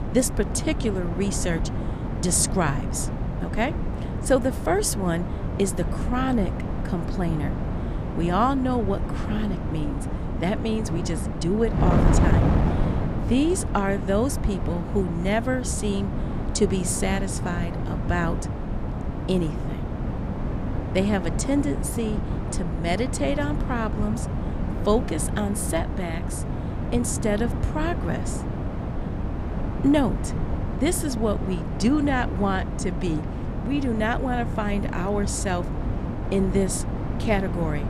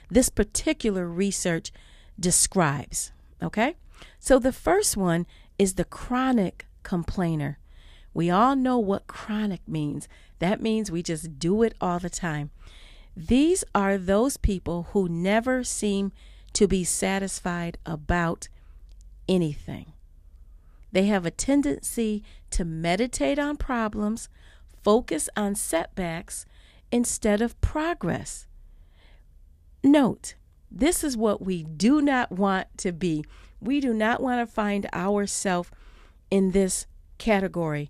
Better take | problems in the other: second | wind noise on the microphone; heavy; 7 dB below the speech

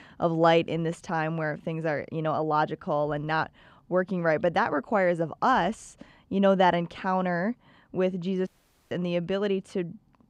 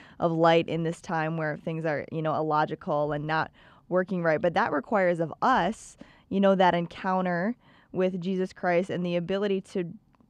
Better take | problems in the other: second | audio cutting out; at 8.5 s

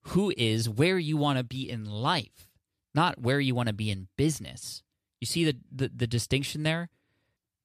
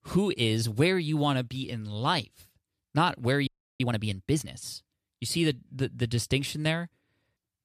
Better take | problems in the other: first | audio freezing; at 3.5 s

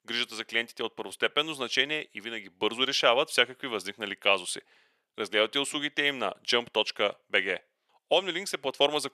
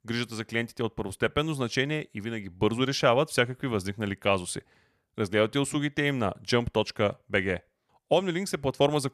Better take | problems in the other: second | thin; somewhat; fading below 400 Hz

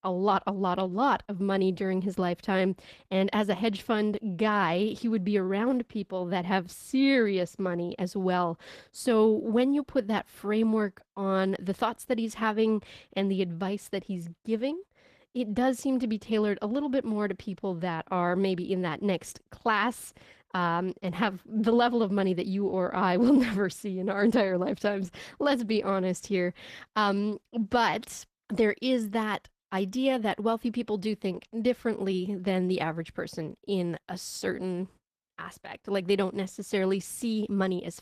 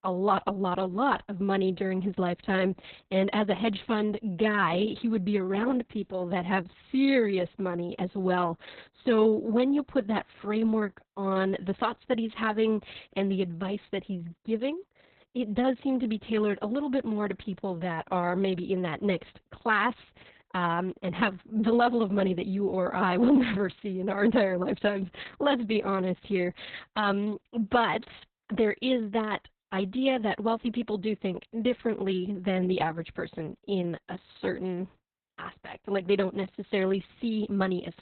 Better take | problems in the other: first | garbled, watery; badly; nothing above 4 kHz; slightly in the first

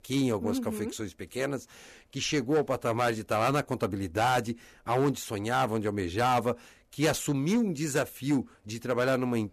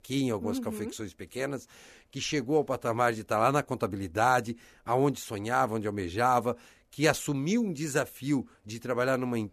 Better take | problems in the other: second | distortion; slight; 5% of the sound clipped

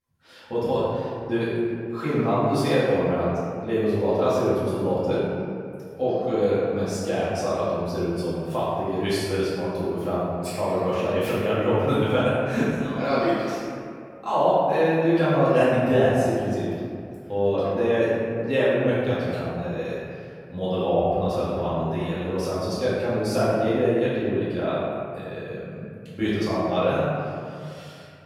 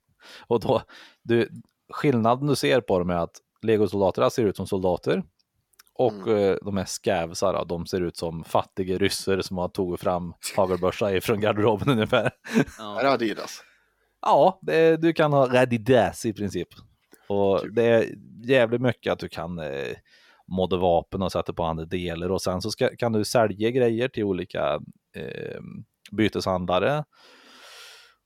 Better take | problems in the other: second | off-mic speech; far // room echo; strong; dies away in 2.1 s

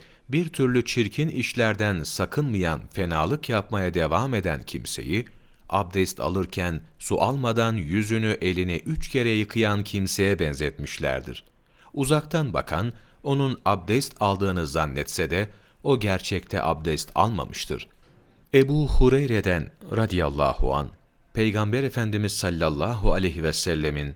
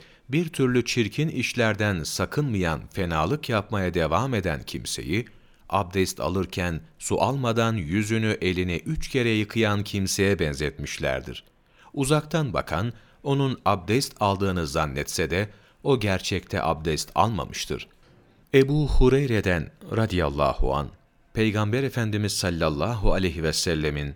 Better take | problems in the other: second | garbled, watery; slightly; nothing above 19 kHz

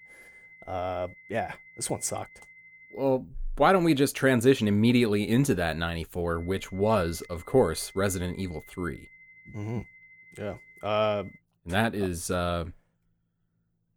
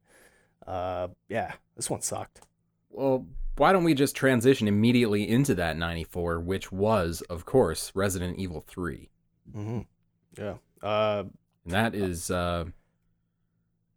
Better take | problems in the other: second | high-pitched whine; faint; until 3 s and from 6.5 to 11 s; 2 kHz, 25 dB below the speech

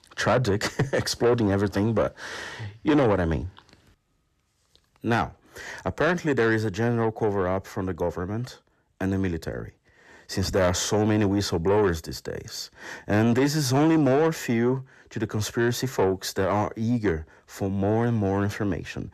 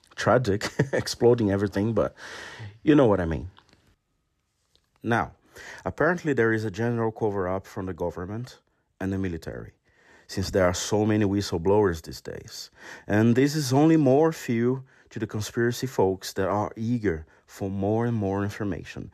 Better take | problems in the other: second | distortion; slight; 10 dB below the speech

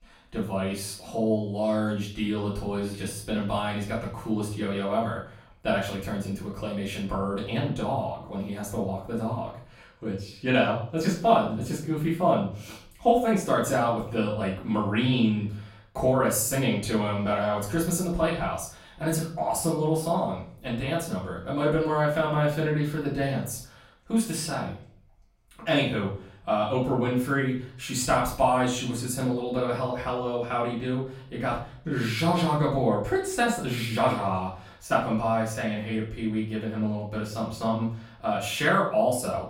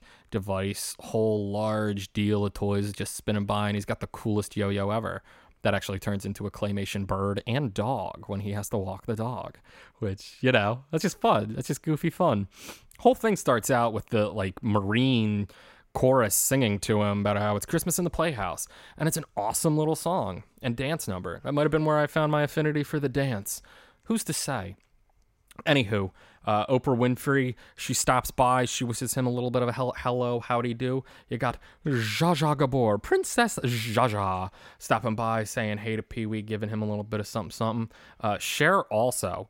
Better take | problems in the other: second | room echo; noticeable; dies away in 0.4 s // off-mic speech; far

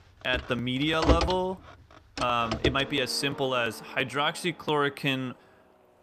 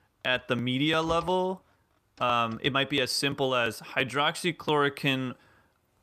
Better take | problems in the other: second | traffic noise; loud; throughout; 4 dB below the speech; faint in the second

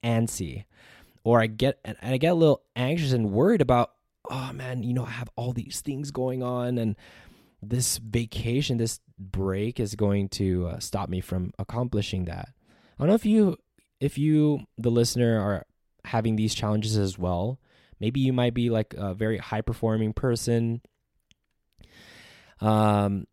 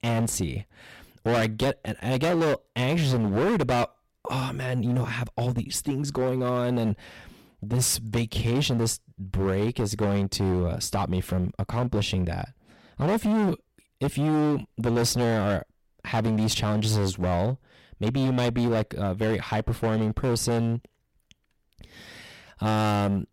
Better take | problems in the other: first | distortion; heavy; 17% of the sound clipped

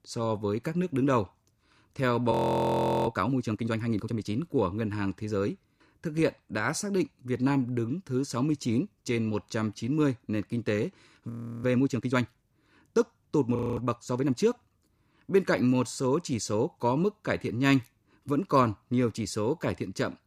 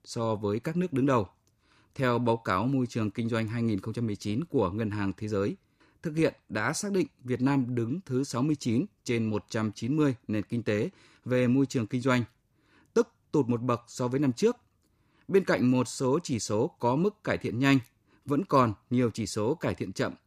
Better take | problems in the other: second | audio freezing; at 2.5 s for 0.5 s, at 11 s and at 14 s

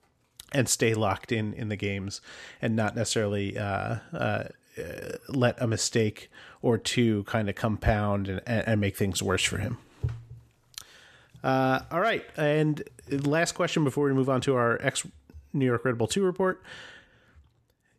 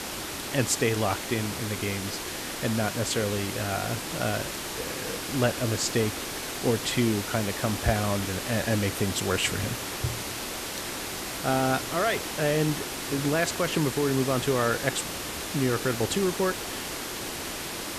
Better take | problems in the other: first | hiss; loud; throughout; 4 dB below the speech

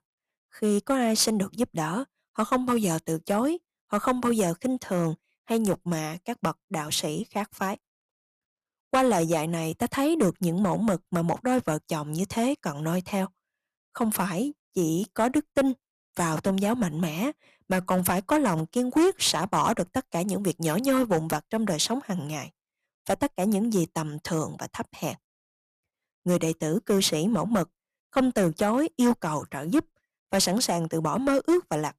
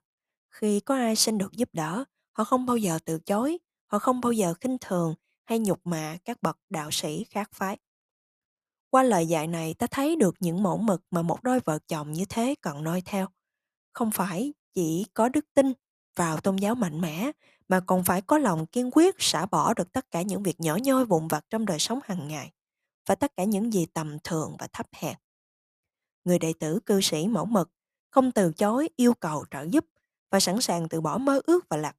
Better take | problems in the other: second | distortion; slight; 3% of the sound clipped

